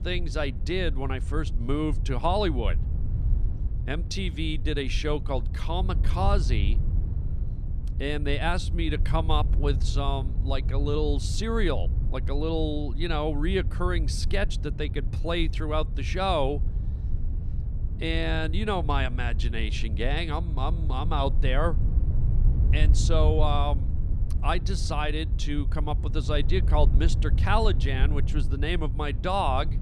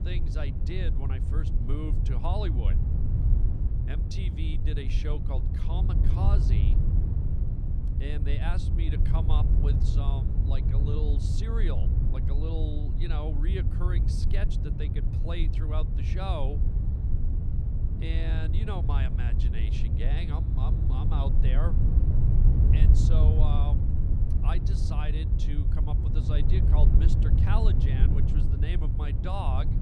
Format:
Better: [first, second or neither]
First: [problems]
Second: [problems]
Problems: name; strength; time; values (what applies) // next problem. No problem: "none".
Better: first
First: wind noise on the microphone; occasional gusts; 15 dB below the speech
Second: wind noise on the microphone; heavy; 2 dB below the speech